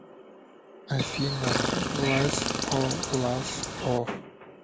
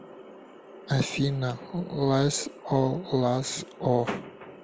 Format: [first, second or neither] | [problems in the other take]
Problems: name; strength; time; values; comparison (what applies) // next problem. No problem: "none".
second | background sound (Chirp, tweet); as loud as the speech